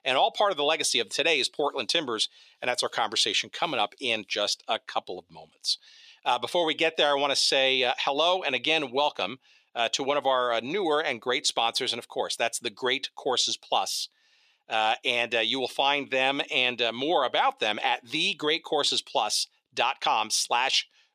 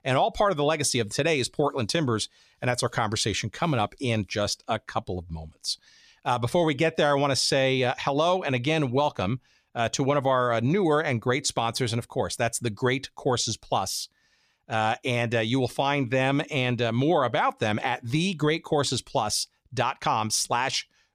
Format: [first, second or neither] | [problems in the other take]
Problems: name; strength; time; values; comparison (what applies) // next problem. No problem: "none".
second | thin; somewhat; fading below 400 Hz